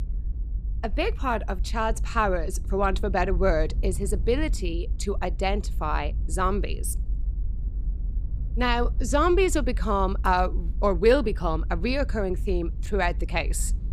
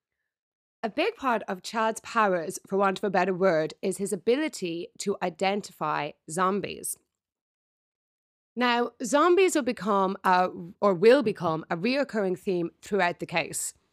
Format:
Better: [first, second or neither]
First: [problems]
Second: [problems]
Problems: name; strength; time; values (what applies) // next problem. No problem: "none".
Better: second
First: low rumble; faint; throughout; 25 dB below the speech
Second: none